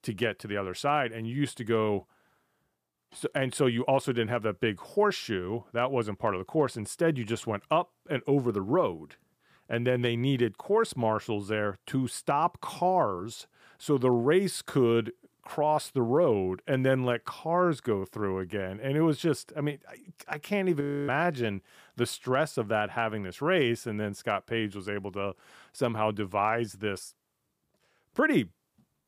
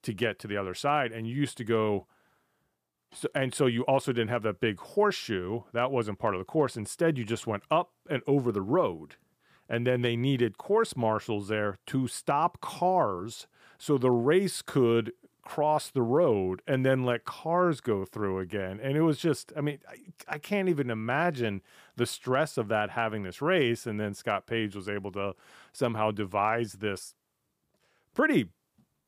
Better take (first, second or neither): second